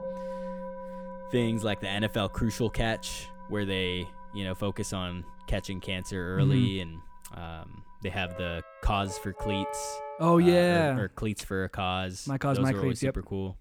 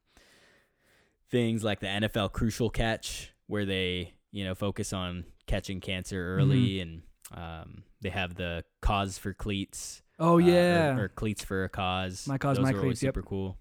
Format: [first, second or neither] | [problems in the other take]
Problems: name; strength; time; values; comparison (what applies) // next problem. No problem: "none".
second | background music; noticeable; until 11 s; 15 dB below the speech